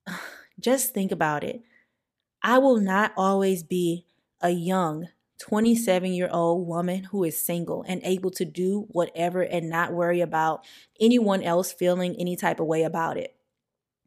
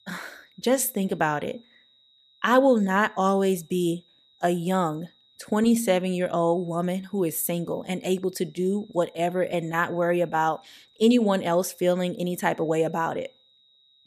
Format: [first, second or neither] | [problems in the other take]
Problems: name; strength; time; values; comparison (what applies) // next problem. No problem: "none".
first | high-pitched whine; faint; throughout; 4 kHz, 35 dB below the speech